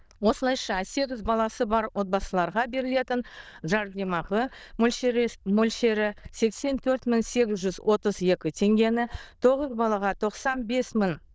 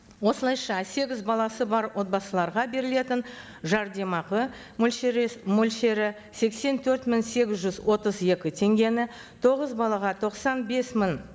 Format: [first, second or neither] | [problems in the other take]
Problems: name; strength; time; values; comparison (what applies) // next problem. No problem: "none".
second | noise reduction (neural diffusion model UNIVERSE++)